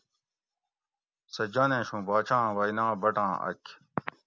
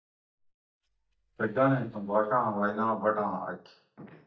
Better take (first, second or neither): first